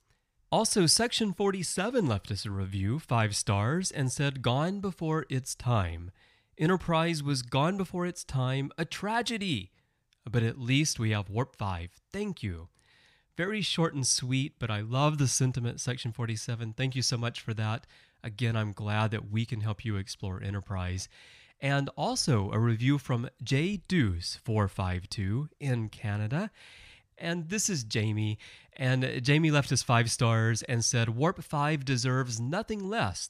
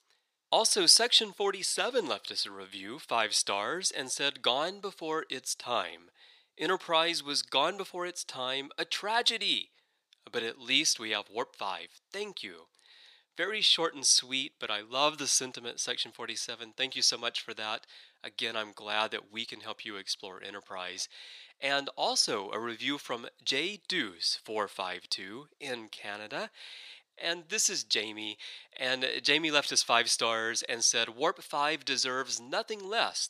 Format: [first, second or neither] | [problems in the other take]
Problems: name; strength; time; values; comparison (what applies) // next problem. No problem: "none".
first | thin; very; fading below 400 Hz